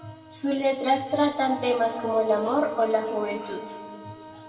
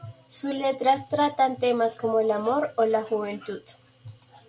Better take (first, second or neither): second